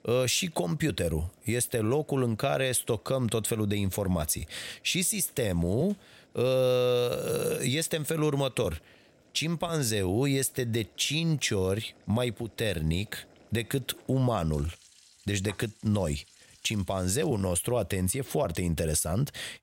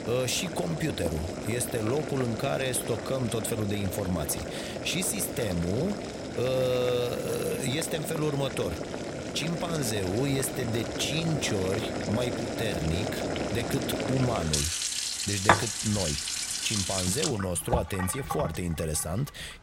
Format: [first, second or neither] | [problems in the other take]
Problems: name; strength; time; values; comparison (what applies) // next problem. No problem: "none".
first | household noises; loud; throughout; 2 dB below the speech; faint in the first